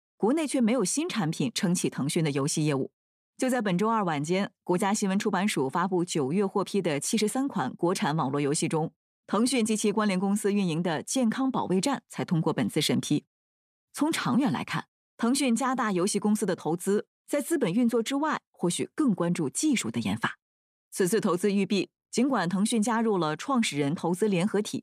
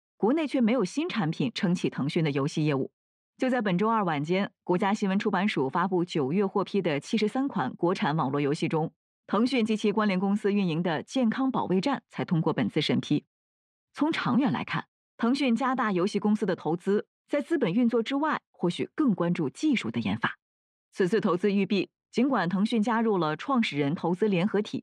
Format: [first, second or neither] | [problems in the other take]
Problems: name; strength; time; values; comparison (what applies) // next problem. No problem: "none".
first | muffled; slightly; fading above 3 kHz